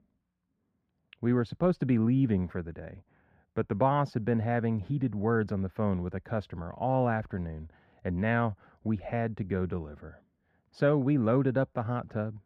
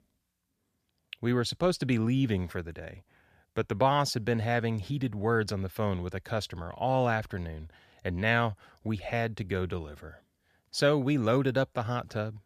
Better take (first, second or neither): second